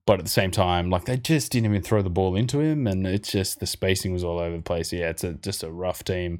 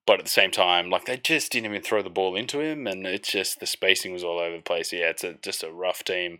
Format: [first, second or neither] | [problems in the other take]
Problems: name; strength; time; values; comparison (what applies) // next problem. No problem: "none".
first | thin; very; fading below 450 Hz